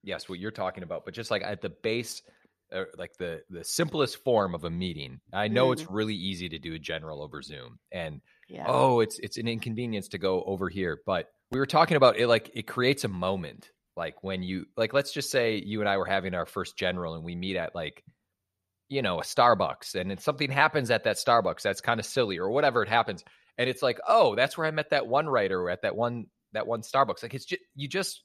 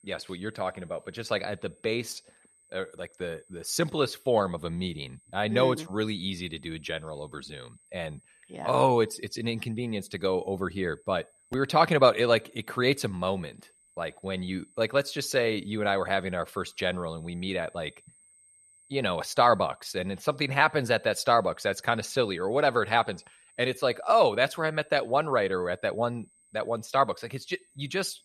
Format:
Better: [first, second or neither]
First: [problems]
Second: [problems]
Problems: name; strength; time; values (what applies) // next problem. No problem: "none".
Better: first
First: none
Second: high-pitched whine; faint; throughout; 8 kHz, 30 dB below the speech